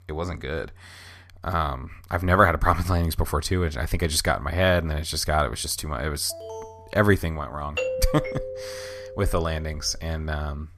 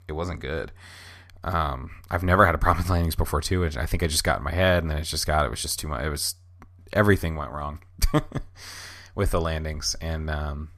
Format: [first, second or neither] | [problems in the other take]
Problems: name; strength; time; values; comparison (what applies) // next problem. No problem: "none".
second | alarm; faint; at 6.5 s; peak 15 dB below the speech // doorbell; noticeable; from 8 to 9.5 s; peak 3 dB below the speech